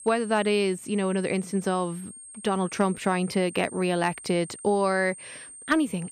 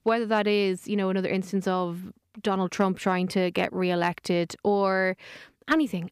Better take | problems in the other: second | high-pitched whine; noticeable; throughout; 8.5 kHz, 15 dB below the speech

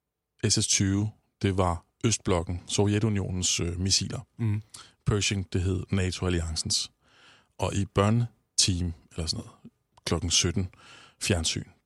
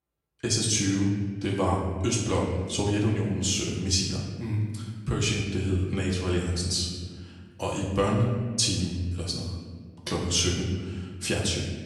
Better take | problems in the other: first | room echo; noticeable; dies away in 1.4 s // off-mic speech; far

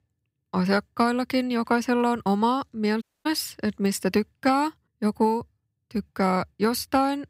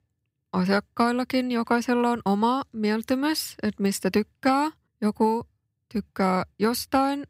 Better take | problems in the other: second | audio cutting out; at 3 s

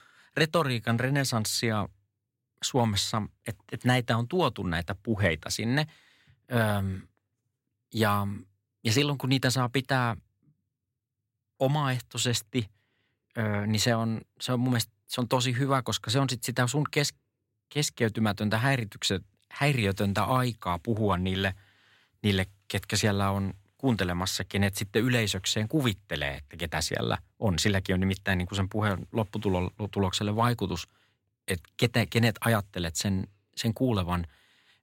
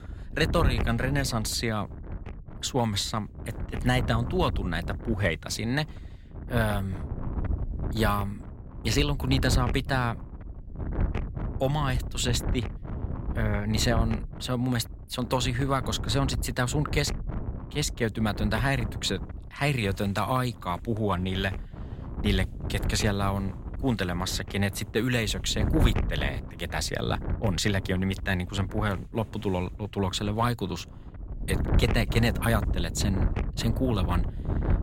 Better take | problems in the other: first | wind noise on the microphone; occasional gusts; 10 dB below the speech

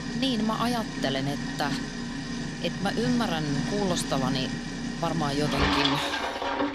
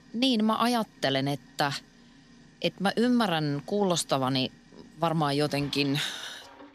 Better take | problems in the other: second | household noises; loud; throughout; as loud as the speech; faint in the second

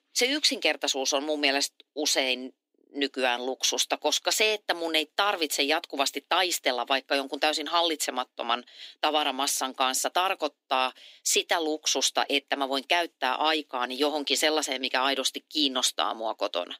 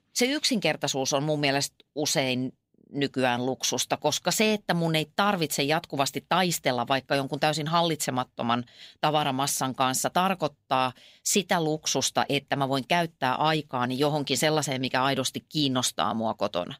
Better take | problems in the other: second | thin; very slightly; fading below 300 Hz

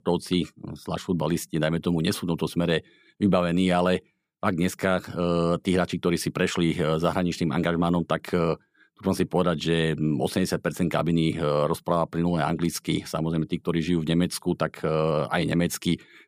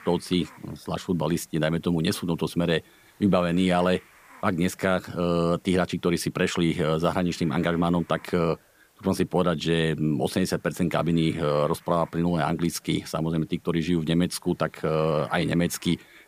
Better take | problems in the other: first | hiss; faint; throughout; 30 dB below the speech

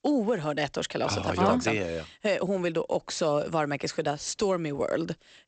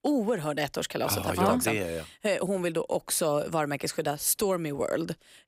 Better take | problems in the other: second | garbled, watery; slightly; nothing above 8 kHz

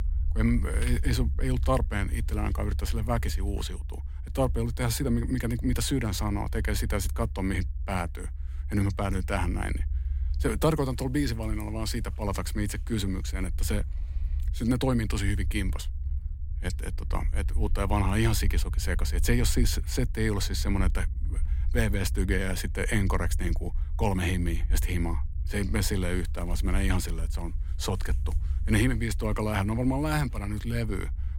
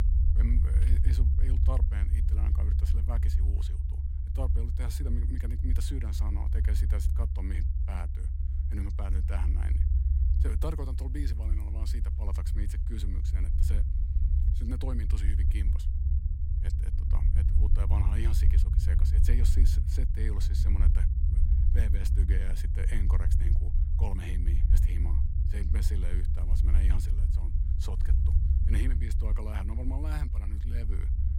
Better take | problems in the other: first | low rumble; loud; throughout; 2 dB below the speech; faint in the first

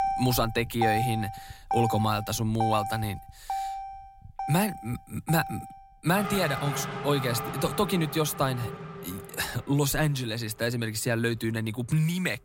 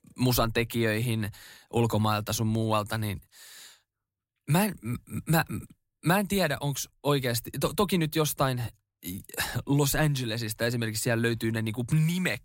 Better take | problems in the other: second | traffic noise; loud; throughout; 6 dB below the speech

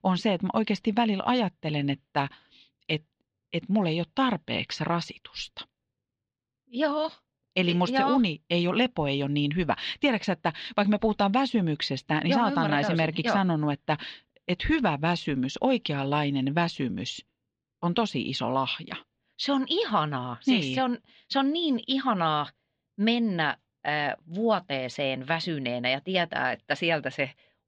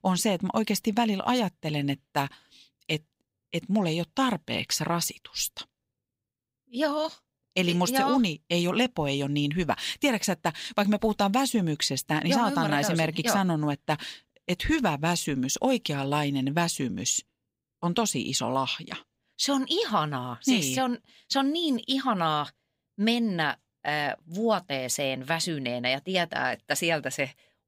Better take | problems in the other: second | muffled; slightly; fading above 4 kHz

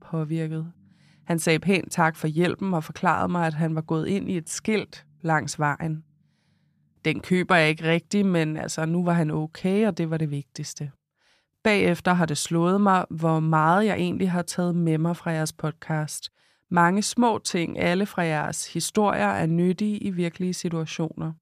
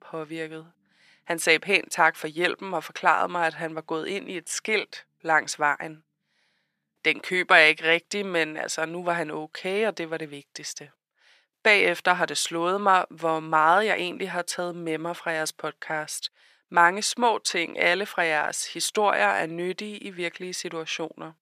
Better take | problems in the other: first | thin; very; fading below 500 Hz

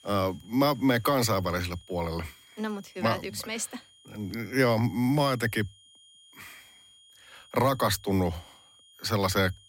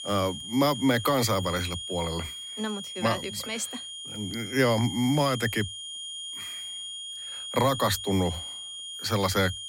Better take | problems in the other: first | high-pitched whine; loud; throughout; 3.5 kHz, 8 dB below the speech; faint in the first

